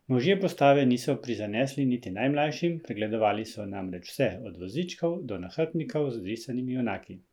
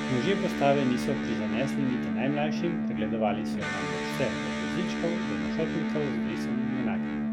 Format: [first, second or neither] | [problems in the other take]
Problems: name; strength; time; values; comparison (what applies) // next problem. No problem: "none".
first | background sound (Electric guitar); 1 dB above the speech